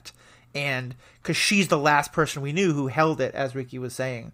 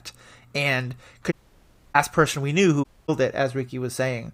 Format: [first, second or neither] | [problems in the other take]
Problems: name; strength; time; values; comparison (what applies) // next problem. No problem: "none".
first | audio cutting out; at 1.5 s for 0.5 s and at 3 s